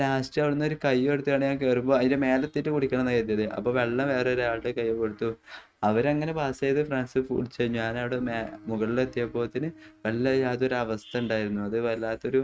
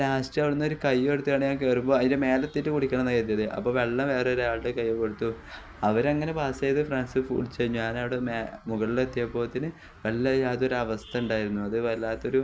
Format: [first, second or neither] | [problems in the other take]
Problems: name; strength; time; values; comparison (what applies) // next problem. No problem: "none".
second | noise reduction (neural mask model RNNoise)